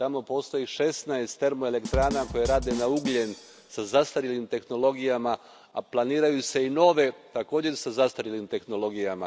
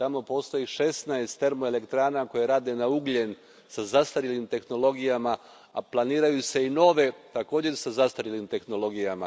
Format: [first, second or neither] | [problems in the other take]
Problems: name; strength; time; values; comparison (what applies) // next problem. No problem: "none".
second | background sound (Drum kit); 8 dB below the speech